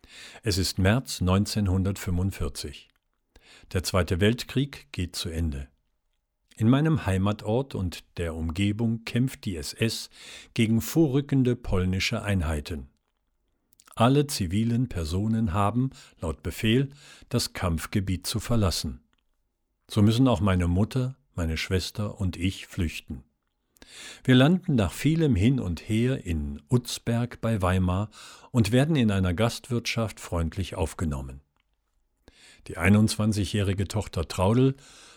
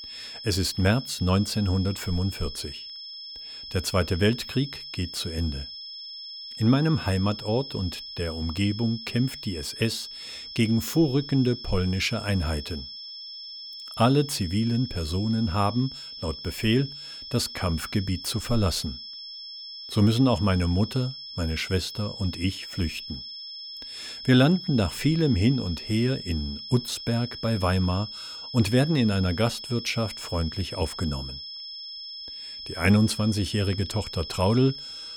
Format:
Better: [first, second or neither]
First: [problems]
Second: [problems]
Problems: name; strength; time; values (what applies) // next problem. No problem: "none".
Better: first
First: none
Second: high-pitched whine; noticeable; throughout; 5 kHz, 10 dB below the speech